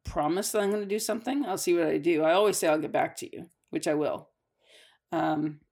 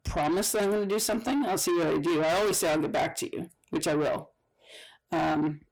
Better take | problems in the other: first | distortion; heavy; 7 dB below the speech

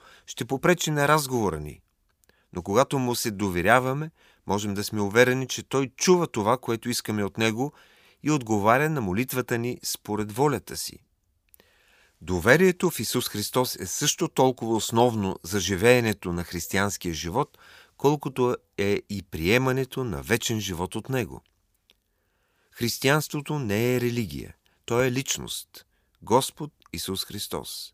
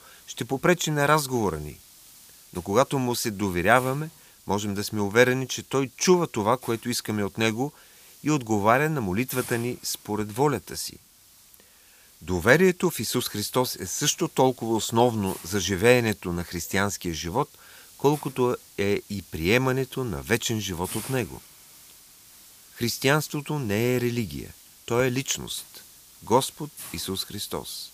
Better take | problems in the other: first | hiss; faint; throughout; 20 dB below the speech

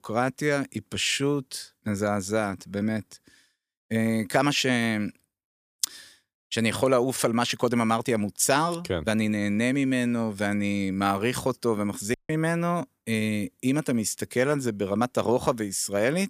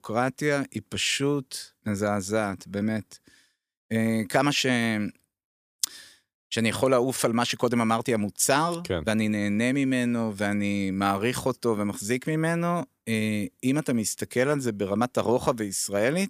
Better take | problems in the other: second | audio cutting out; at 12 s

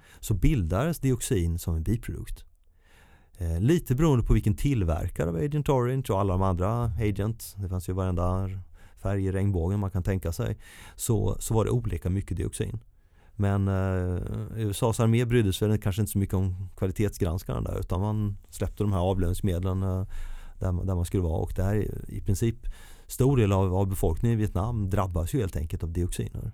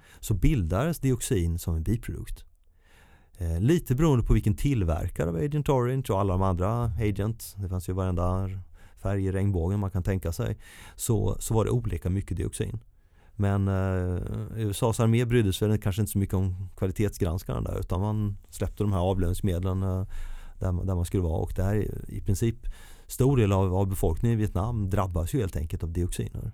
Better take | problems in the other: neither | none

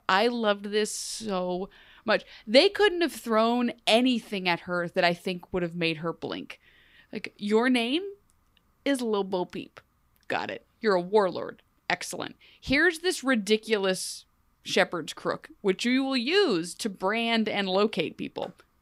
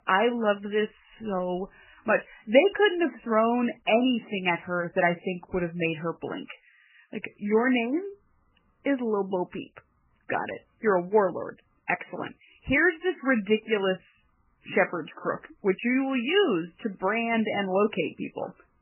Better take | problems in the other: first | garbled, watery; badly; nothing above 3 kHz

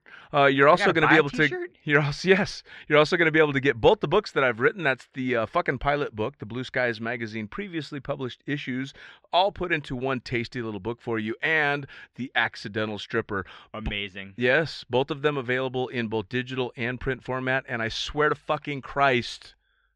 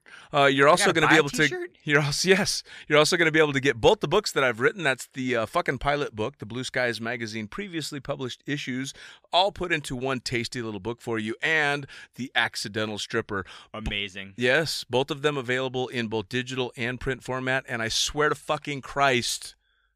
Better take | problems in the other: second | muffled; slightly; fading above 3 kHz

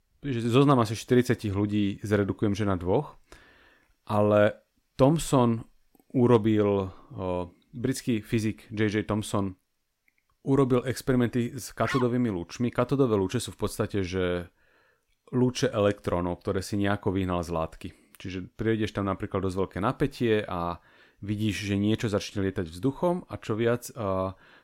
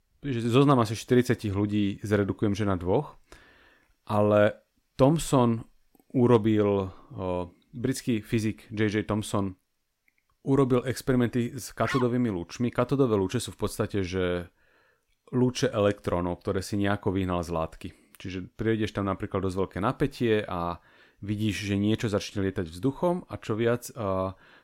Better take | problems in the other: neither | dog barking; noticeable; at 12 s; peak 6 dB below the speech; the same in both

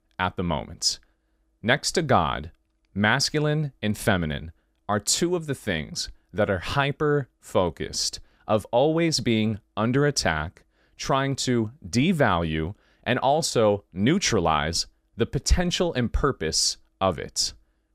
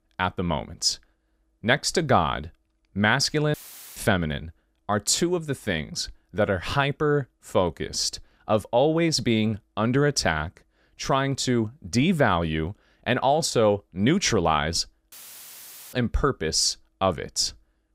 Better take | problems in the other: first | audio cutting out; filled with static; at 3.5 s and at 15 s for 1 s

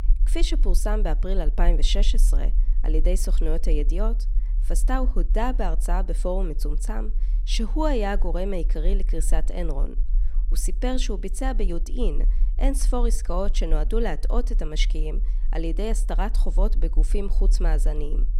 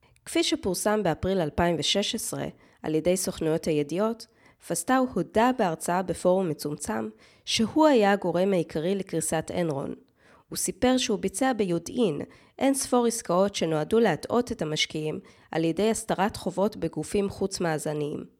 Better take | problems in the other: second | low rumble; faint; throughout; 20 dB below the speech

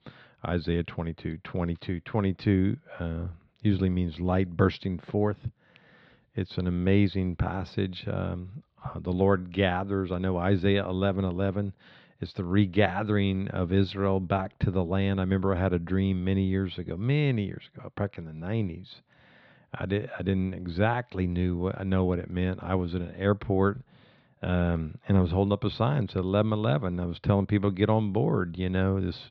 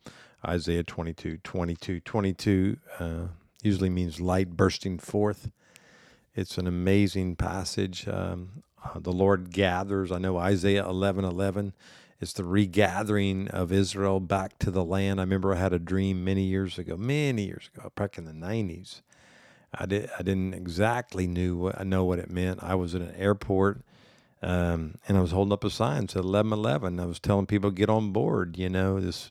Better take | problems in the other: second | muffled; slightly; fading above 4 kHz

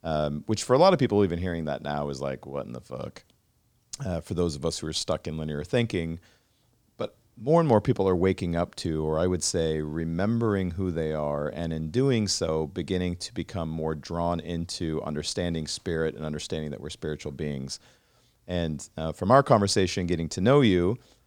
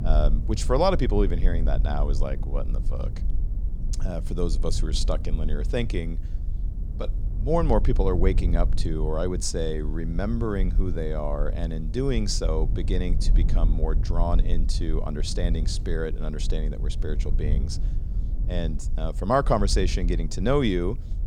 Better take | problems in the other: first | low rumble; noticeable; throughout; 15 dB below the speech

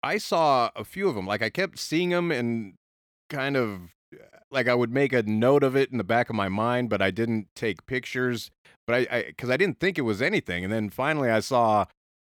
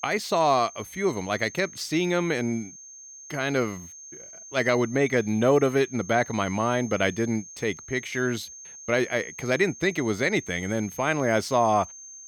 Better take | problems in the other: first | high-pitched whine; noticeable; throughout; 6.5 kHz, 15 dB below the speech

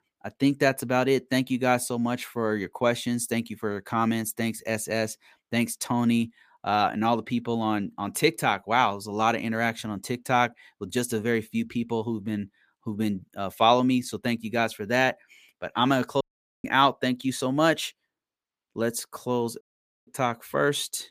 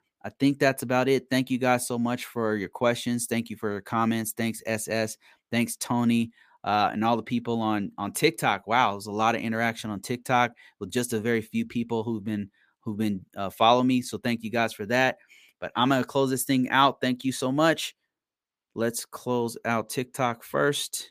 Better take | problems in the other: second | audio cutting out; at 16 s and at 20 s

